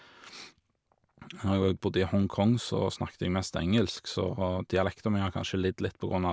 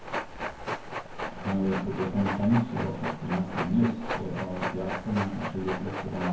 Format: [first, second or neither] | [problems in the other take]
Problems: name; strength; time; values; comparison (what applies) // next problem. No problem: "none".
first | background sound (Train); 5 dB below the speech // room echo; dies away in 0.9 s